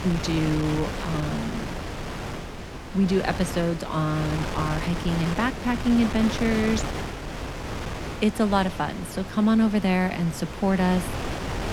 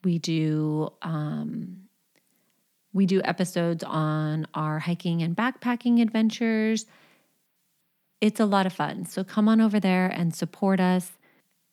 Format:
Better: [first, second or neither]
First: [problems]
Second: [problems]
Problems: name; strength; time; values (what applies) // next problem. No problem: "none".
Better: second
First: wind noise on the microphone; heavy; 6 dB below the speech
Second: none